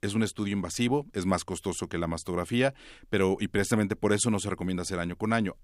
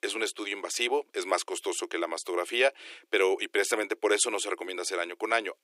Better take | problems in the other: first | thin; very; fading below 350 Hz

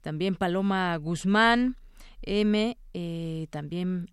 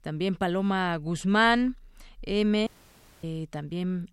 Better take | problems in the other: first | audio cutting out; at 2.5 s for 0.5 s

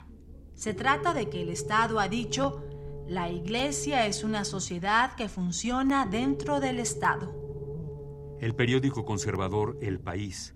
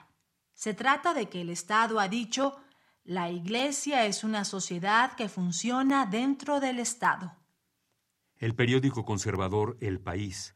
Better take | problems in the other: second | low rumble; noticeable; throughout; 15 dB below the speech

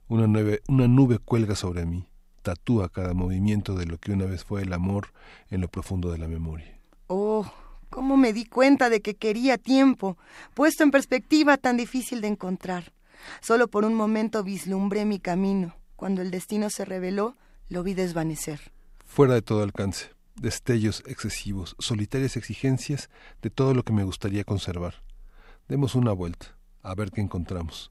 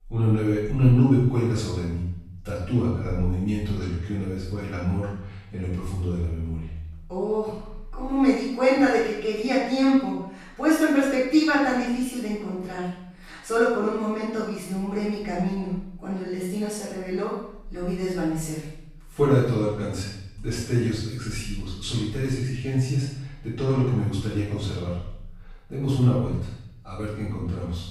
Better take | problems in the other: first | off-mic speech; far // room echo; strong; dies away in 0.8 s

